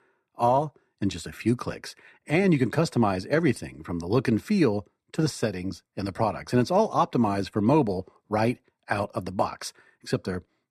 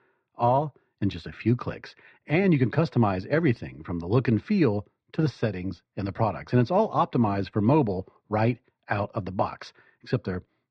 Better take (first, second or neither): first